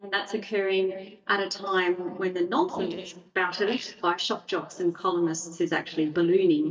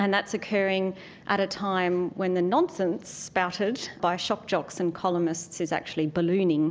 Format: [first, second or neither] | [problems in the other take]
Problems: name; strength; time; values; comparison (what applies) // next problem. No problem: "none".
second | noise reduction (neural mask model DeepFilterNet 3)